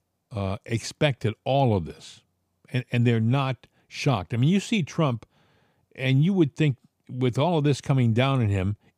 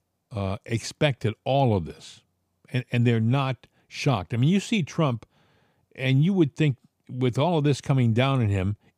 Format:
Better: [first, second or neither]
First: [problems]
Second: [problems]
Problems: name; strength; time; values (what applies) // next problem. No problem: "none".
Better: neither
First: none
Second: none